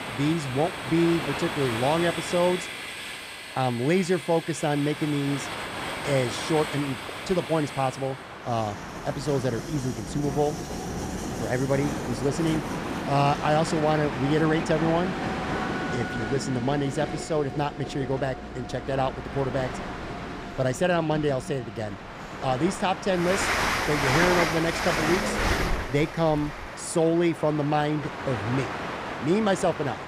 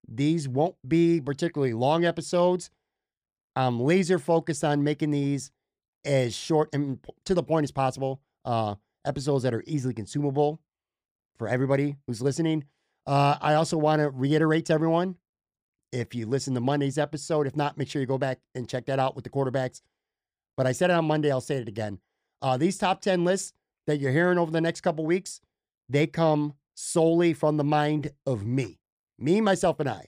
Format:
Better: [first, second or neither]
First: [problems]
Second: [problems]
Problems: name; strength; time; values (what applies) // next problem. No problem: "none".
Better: second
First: train or aircraft noise; loud; throughout; 5 dB below the speech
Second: none